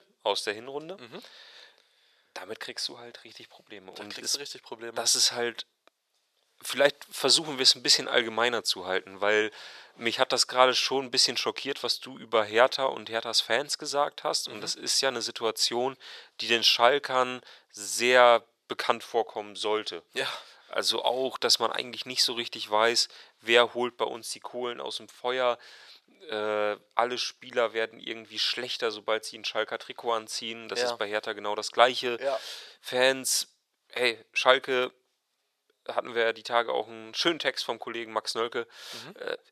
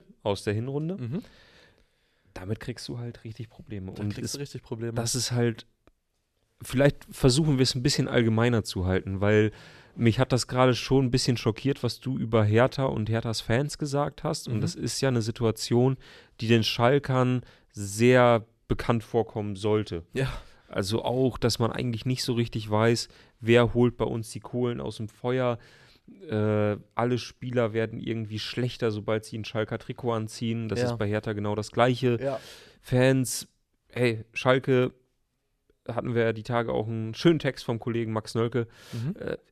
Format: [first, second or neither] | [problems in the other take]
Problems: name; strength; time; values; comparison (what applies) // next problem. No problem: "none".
second | thin; very; fading below 700 Hz